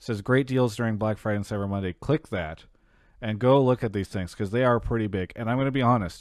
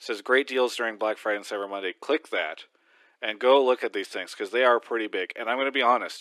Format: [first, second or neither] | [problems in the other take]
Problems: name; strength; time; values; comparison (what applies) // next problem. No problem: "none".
first | thin; very; fading below 300 Hz